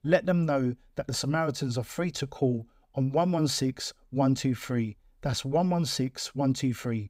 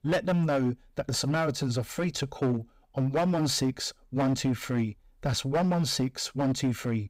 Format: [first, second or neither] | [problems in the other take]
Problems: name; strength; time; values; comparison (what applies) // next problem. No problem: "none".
first | distortion; slight; 11% of the sound clipped